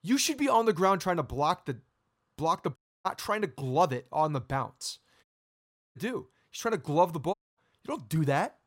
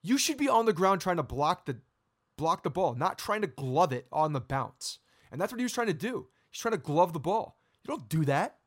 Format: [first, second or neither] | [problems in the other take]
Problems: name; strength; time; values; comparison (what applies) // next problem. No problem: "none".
second | audio cutting out; at 3 s, at 5 s for 0.5 s and at 7.5 s